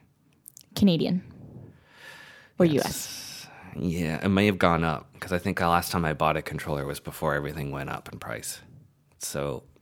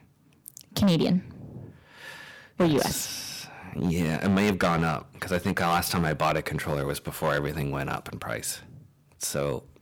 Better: first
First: none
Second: distortion; heavy; 4% of the sound clipped

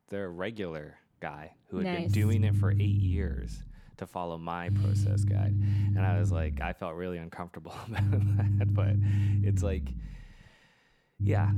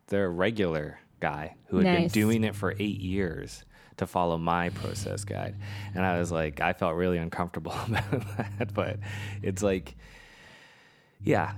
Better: second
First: low rumble; loud; from 2 to 6.5 s and from 8 s on; 3 dB below the speech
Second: low rumble; faint; from 2 to 6.5 s and from 8 s on; 25 dB below the speech

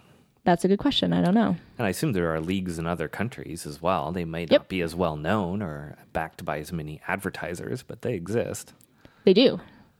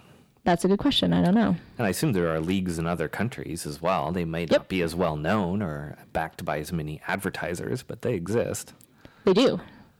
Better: first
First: none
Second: distortion; slight; 10 dB below the speech

